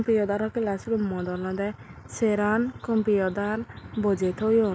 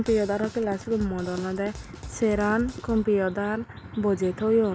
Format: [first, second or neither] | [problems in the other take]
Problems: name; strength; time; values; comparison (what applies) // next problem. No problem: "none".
first | background sound (Drum kit); 14 dB below the speech